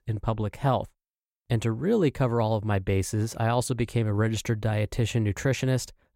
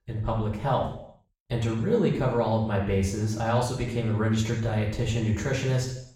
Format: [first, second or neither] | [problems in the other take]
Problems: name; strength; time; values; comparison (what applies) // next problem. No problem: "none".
first | room echo; noticeable; dies away in 0.7 s // off-mic speech; far